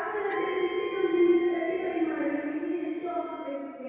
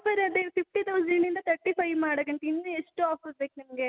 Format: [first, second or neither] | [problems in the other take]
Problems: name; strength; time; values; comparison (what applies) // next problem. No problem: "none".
second | background sound (Bowed string instrument); 17 dB below the speech // room echo; dies away in 2 s